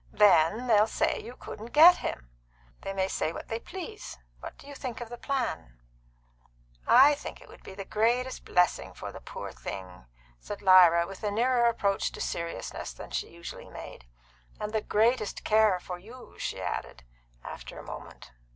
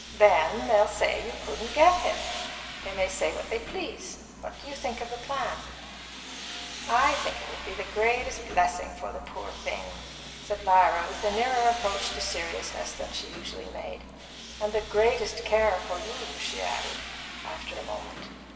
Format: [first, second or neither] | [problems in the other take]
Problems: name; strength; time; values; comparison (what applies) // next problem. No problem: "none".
first | background sound (Tools); 11 dB below the speech // room echo; dies away in 2.1 s